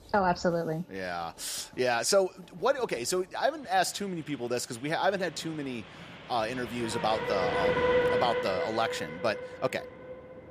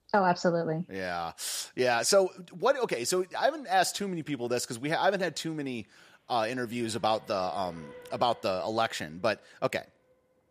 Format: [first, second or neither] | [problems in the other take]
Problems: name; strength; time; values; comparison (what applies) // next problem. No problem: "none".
second | train or aircraft noise; loud; throughout; 1 dB below the speech; faint in the second